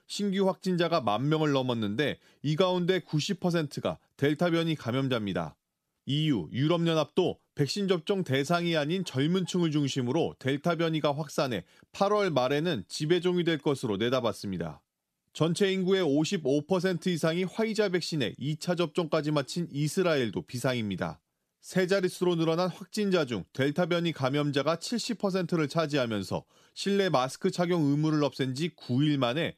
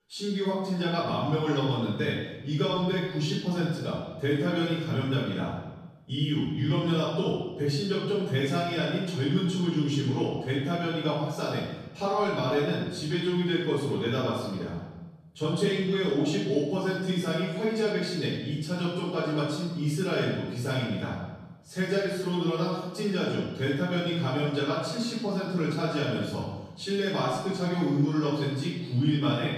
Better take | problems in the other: first | room echo; strong; dies away in 1.1 s // off-mic speech; far

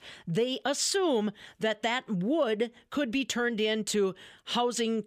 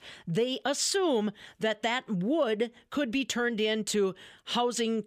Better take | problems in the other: neither | none

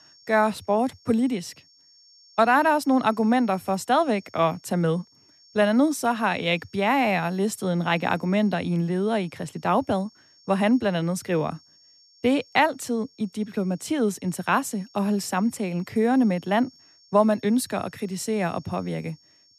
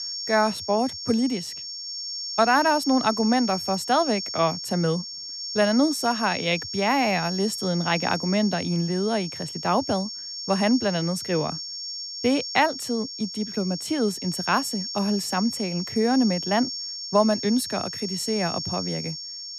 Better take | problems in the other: first | high-pitched whine; loud; throughout; 5.5 kHz, 6 dB below the speech; faint in the first

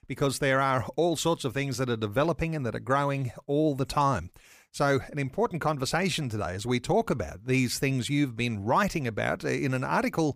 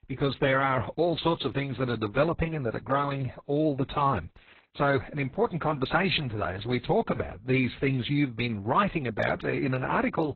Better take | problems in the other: first | garbled, watery; badly; nothing above 4 kHz

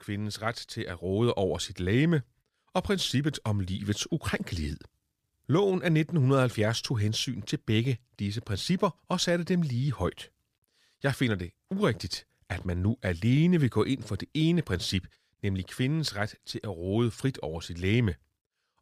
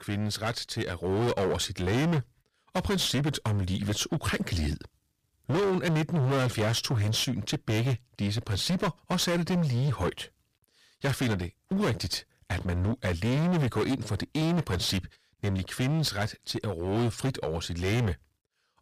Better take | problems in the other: first | distortion; heavy; 20% of the sound clipped

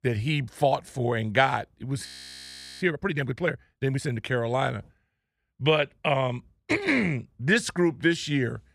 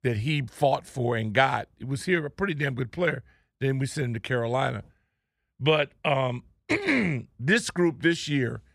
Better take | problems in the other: second | audio freezing; at 2 s for 1 s

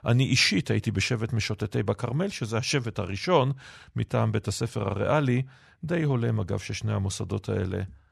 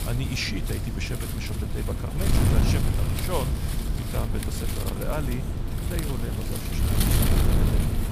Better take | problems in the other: first | wind noise on the microphone; heavy; 1 dB above the speech

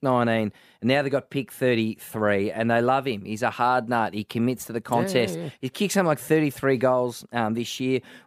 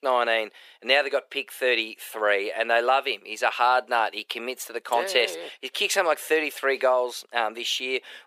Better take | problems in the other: first | thin; very; fading below 450 Hz

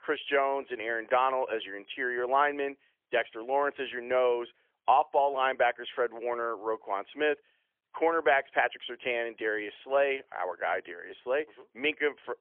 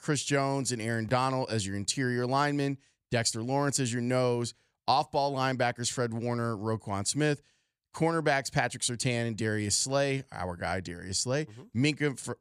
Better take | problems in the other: second | phone-call audio; poor line; nothing above 3.5 kHz

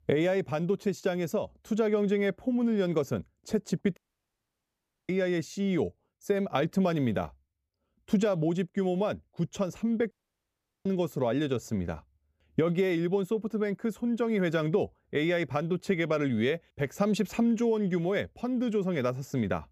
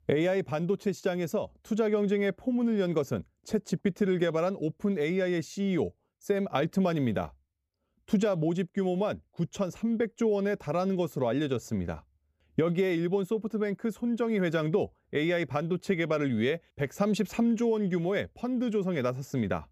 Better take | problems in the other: second | audio cutting out; at 4 s for 1 s and at 10 s for 0.5 s

